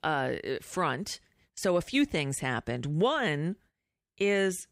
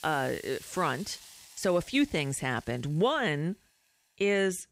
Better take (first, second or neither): first